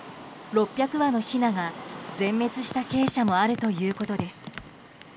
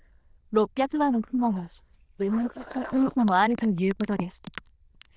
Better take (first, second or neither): first